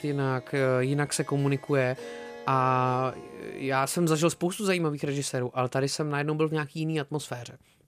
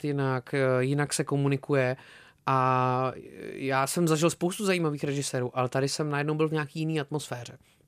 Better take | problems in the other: second | background music; noticeable; throughout; 20 dB below the speech

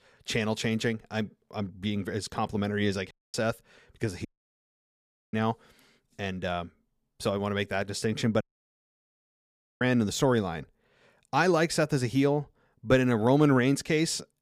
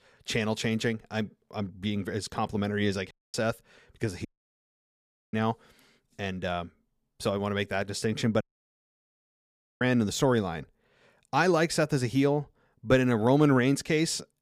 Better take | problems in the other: neither | audio cutting out; at 3 s, at 4.5 s for 1 s and at 8.5 s for 1.5 s; the same in both

